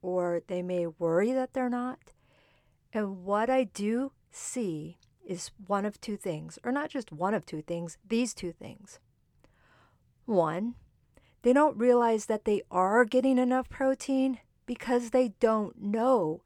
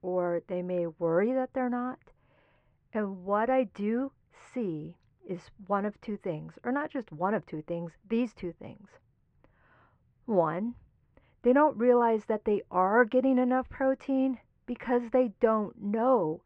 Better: first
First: none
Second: muffled; very; fading above 2 kHz

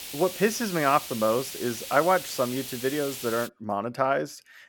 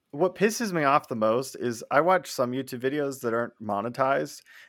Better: second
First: hiss; loud; until 3.5 s; 9 dB below the speech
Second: none

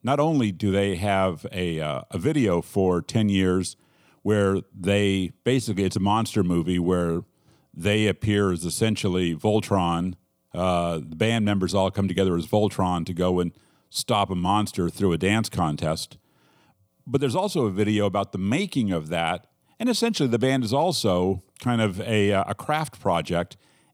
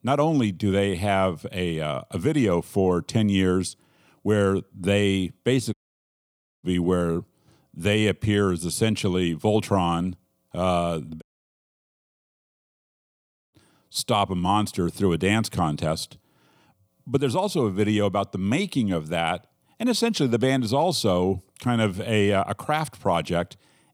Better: first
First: none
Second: audio cutting out; at 5.5 s for 1 s and at 11 s for 2.5 s

